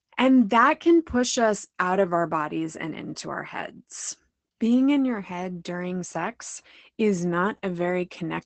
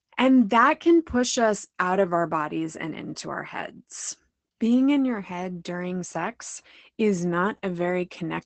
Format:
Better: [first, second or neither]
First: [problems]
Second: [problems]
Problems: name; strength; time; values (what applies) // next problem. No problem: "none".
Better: neither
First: garbled, watery; badly; nothing above 8 kHz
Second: garbled, watery; badly; nothing above 8 kHz